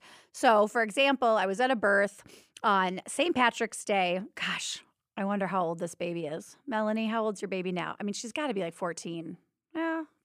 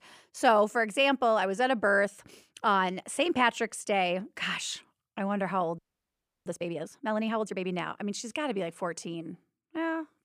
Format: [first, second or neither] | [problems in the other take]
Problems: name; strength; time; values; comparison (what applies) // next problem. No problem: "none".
first | audio freezing; at 6 s for 0.5 s